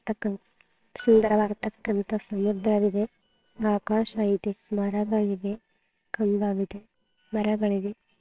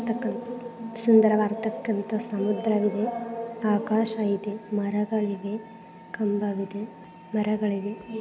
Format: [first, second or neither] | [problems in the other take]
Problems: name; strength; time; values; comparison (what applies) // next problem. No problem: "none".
second | noise reduction (neural separator model SepFormer WHAMR!)